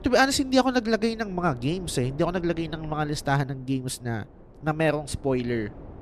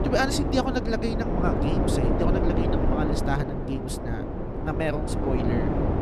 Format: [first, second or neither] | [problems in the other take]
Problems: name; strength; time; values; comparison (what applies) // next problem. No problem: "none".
first | wind noise on the microphone; heavy; as loud as the speech; occasional gusts in the first